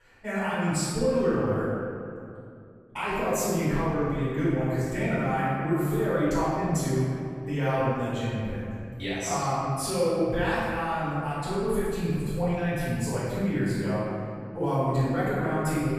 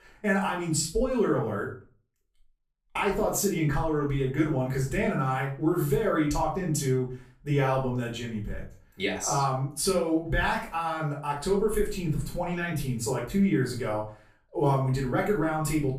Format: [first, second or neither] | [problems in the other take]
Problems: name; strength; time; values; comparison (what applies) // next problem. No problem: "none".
second | room echo; strong; dies away in 2.3 s; slight in the second // off-mic speech; far; far in the second